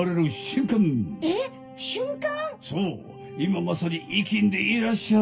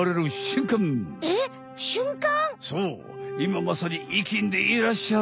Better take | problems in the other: second | room echo; dies away in 0.2 s

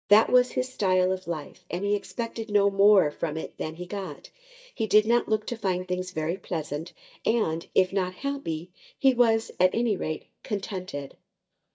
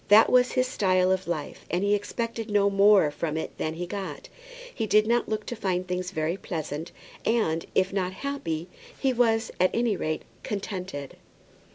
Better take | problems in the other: second | noise reduction (neural mask model DeepFilterNet 3)

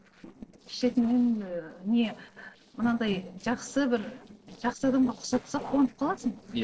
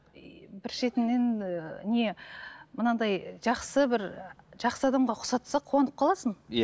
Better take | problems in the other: second | noise reduction (neural separator model SepFormer DNS4)

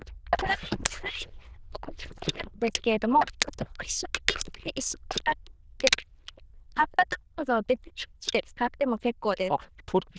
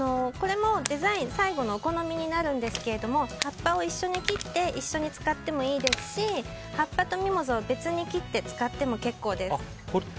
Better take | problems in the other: second | noise reduction (neural diffusion model UNIVERSE++)

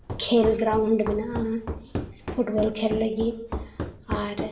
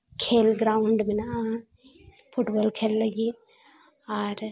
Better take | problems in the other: second | background sound (Run); 8 dB below the speech // room echo; dies away in 0.7 s

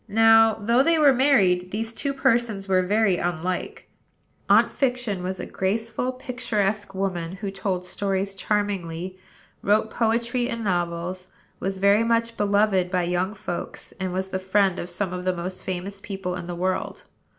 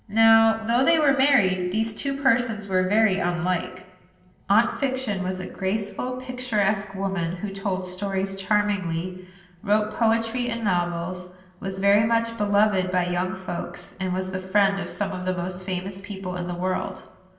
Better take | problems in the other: first | room echo; dies away in 1.6 s

